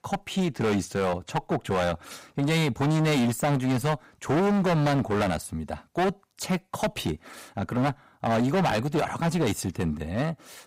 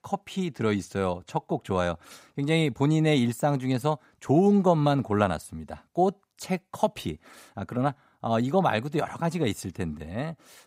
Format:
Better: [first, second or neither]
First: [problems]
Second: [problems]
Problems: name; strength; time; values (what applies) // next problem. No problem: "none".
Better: second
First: distortion; heavy; 18% of the sound clipped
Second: none